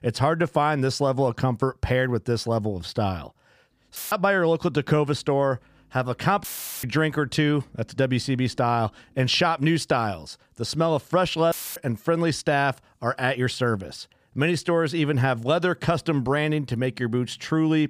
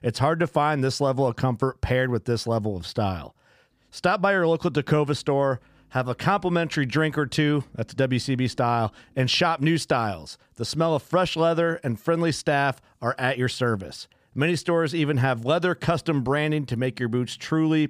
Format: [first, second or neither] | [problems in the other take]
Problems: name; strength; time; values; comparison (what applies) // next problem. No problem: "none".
second | audio cutting out; filled with static; at 4 s, at 6.5 s and at 12 s